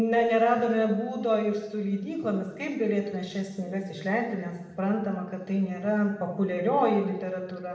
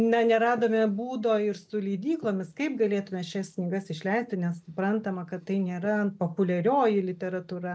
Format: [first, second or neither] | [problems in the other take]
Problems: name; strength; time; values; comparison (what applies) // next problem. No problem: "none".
second | room echo; dies away in 1 s